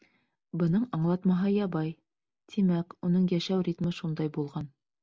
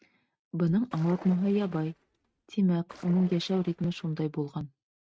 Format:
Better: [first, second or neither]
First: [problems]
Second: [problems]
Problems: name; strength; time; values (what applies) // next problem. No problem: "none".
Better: first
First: none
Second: noise reduction (neural mask model RNNoise)